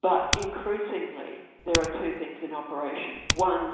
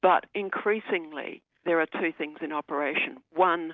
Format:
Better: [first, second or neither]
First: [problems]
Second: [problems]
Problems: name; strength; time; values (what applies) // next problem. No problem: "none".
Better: second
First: background sound (Typing); 3 dB below the speech // room echo; dies away in 1 s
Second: none